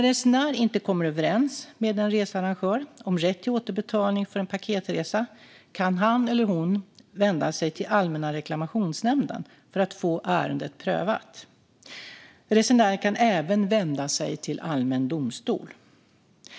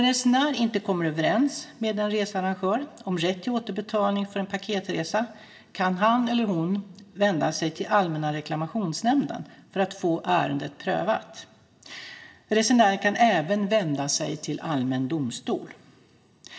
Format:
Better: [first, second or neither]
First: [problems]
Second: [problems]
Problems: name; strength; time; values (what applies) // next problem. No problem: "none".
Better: first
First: none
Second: room echo; dies away in 0.7 s